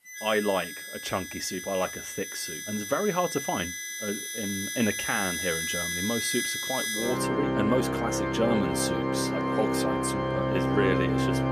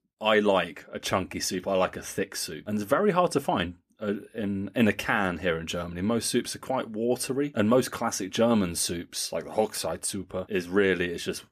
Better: second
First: background music; very loud; throughout; 1 dB above the speech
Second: none

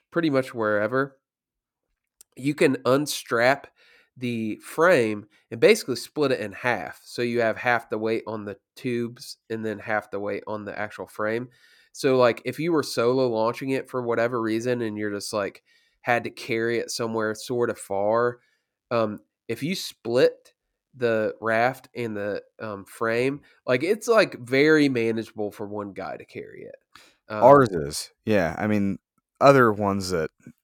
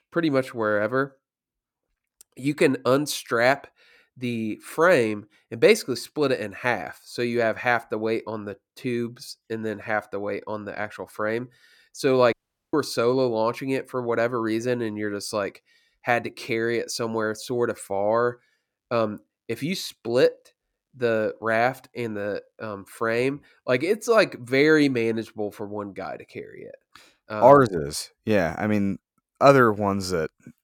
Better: first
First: none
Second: audio cutting out; at 12 s

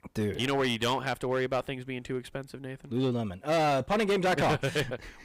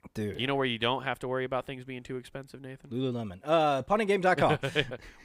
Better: second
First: distortion; heavy; 10% of the sound clipped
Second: none

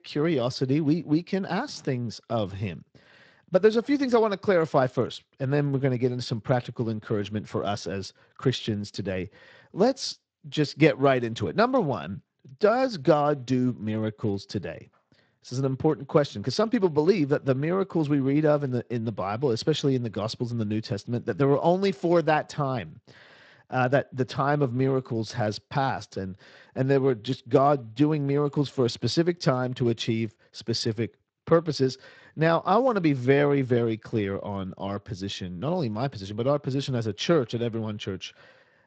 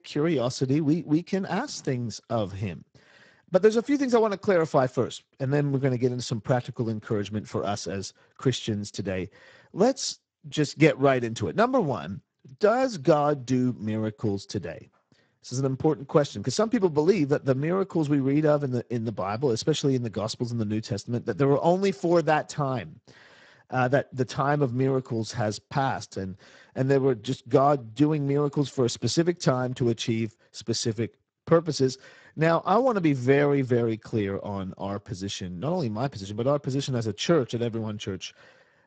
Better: first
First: garbled, watery; slightly; nothing above 8 kHz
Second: garbled, watery; badly; nothing above 8 kHz

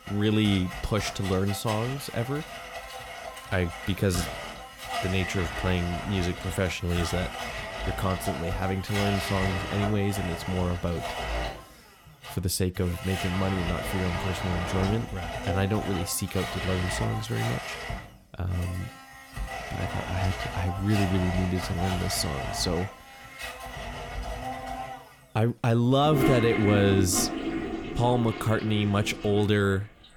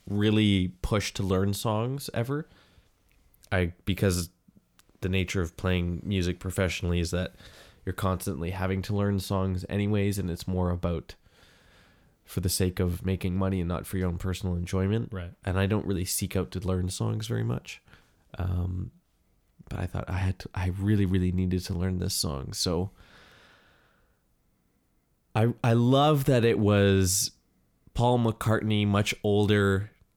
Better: second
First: household noises; loud; throughout; 6 dB below the speech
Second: none

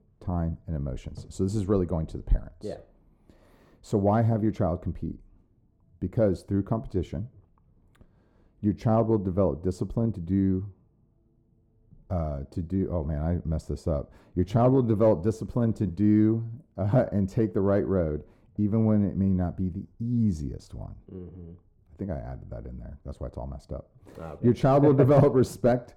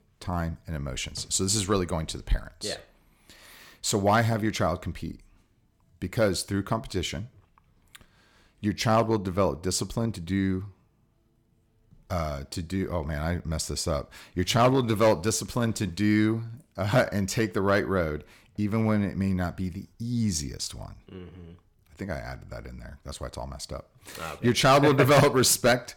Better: second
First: muffled; very; fading above 1 kHz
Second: none

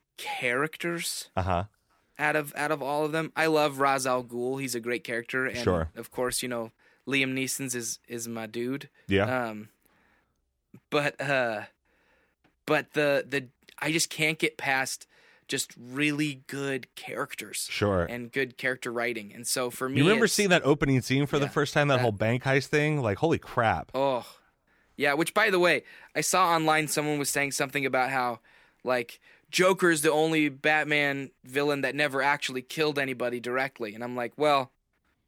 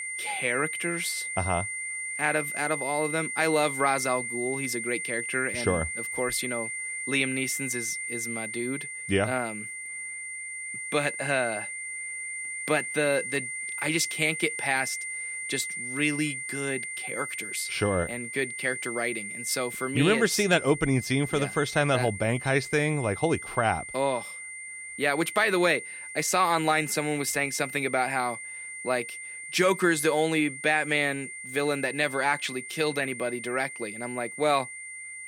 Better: first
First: none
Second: high-pitched whine; loud; throughout; 2 kHz, 6 dB below the speech

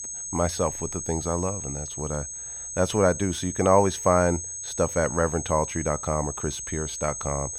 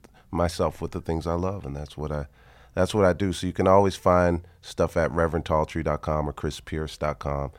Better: second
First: high-pitched whine; loud; throughout; 6.5 kHz, 6 dB below the speech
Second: none

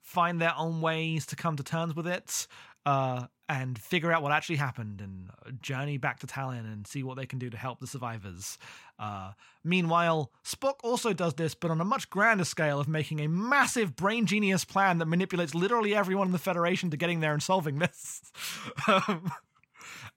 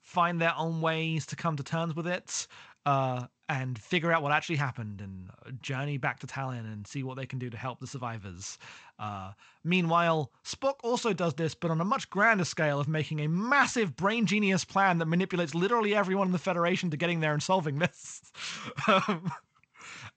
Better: first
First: none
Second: garbled, watery; slightly; nothing above 8 kHz

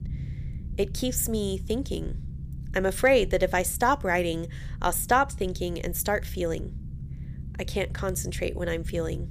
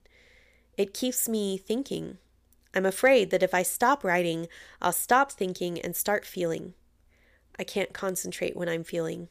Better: second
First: low rumble; faint; throughout; 25 dB below the speech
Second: none

